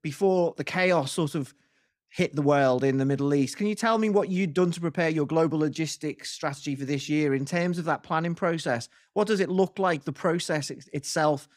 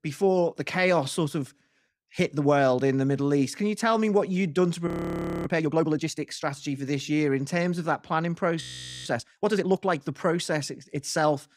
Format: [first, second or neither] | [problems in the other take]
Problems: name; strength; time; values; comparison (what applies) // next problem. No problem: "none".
first | audio freezing; at 5 s for 0.5 s and at 8.5 s